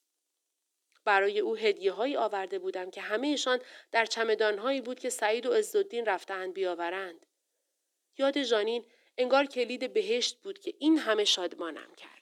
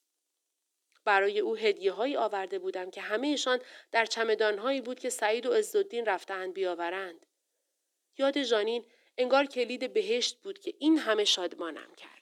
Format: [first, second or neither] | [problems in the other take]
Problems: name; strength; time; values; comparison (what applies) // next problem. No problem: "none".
neither | thin; somewhat; fading below 300 Hz; the same in both